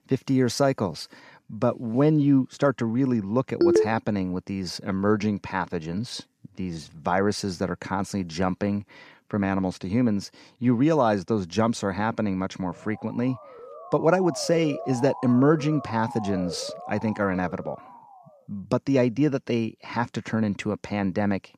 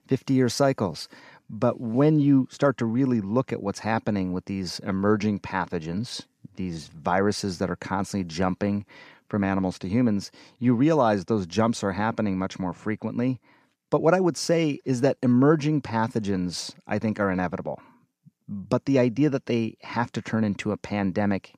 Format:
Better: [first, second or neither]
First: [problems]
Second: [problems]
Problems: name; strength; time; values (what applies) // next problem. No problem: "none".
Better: second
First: phone ringing; loud; at 3.5 s; peak 4 dB above the speech // siren; noticeable; from 13 to 18 s; peak 9 dB below the speech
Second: none